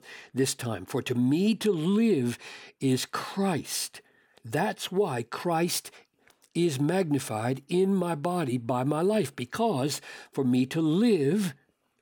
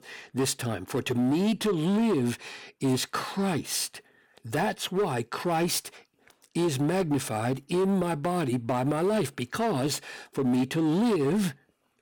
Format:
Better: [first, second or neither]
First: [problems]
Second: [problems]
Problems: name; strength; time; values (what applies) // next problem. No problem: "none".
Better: first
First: none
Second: distortion; slight; 12% of the sound clipped